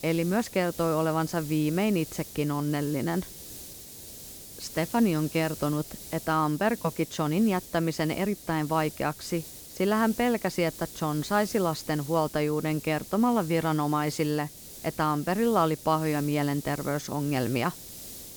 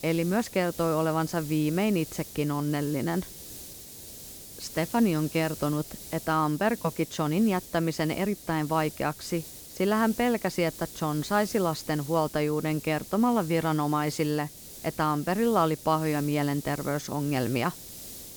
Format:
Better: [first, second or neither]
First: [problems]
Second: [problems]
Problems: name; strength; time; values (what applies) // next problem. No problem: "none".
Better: neither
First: hiss; noticeable; throughout; 15 dB below the speech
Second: hiss; noticeable; throughout; 15 dB below the speech